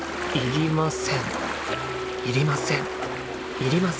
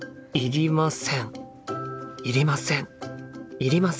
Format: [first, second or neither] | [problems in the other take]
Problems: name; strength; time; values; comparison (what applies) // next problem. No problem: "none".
second | background sound (Ocean + Applause); 3 dB below the speech